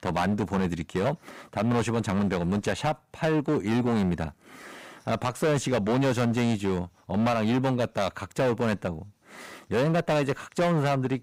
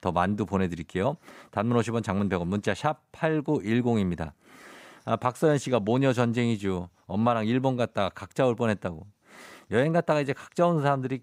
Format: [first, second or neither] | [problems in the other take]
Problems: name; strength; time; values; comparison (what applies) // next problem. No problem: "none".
second | distortion; heavy; 15% of the sound clipped